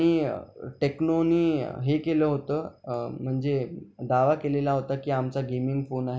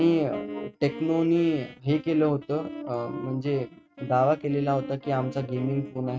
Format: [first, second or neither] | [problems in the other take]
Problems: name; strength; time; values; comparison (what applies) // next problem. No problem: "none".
first | noise reduction (neural mask model RNNoise)